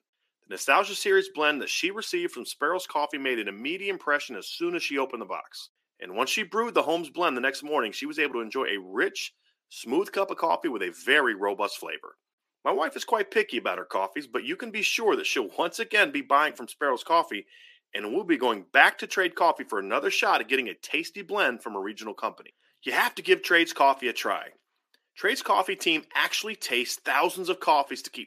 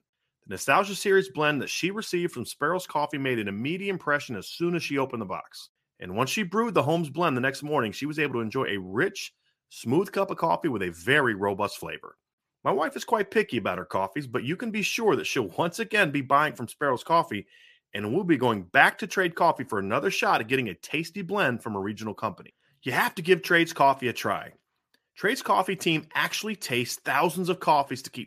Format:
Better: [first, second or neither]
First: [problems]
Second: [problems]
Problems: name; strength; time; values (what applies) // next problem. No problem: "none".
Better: second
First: thin; very slightly; fading below 300 Hz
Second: none